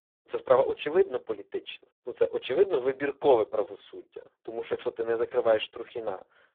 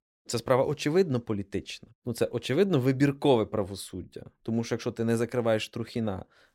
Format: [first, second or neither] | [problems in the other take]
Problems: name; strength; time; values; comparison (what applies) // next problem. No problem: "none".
second | phone-call audio; poor line; nothing above 3.5 kHz